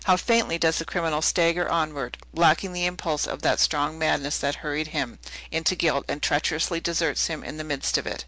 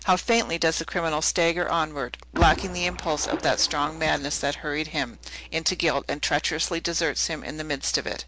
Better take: first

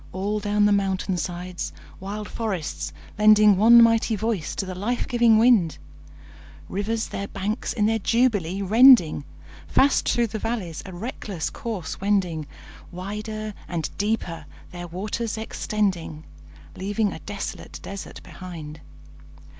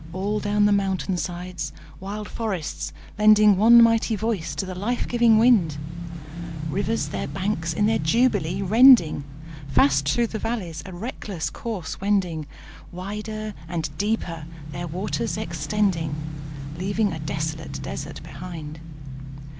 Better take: first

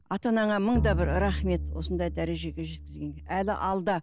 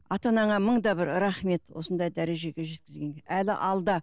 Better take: second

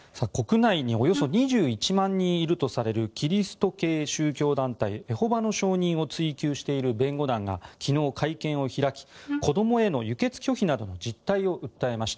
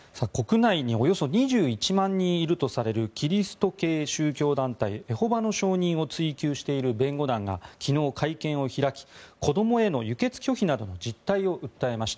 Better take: second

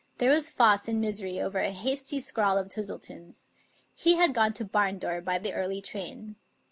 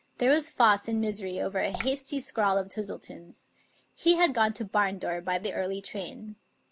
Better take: first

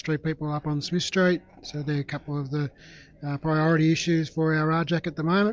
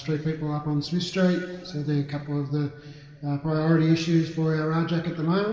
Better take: first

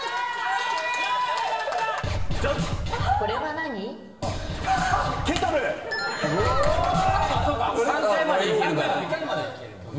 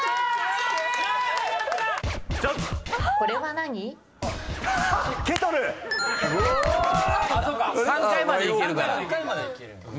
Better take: second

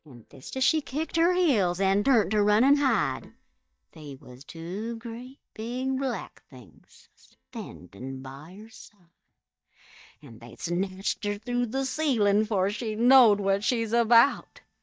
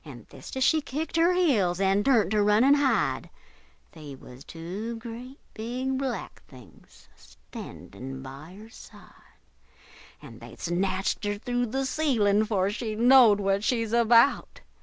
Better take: second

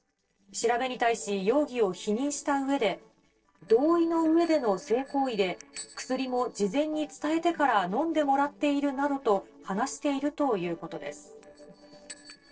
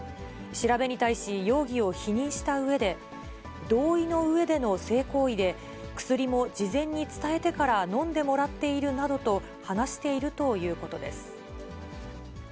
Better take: second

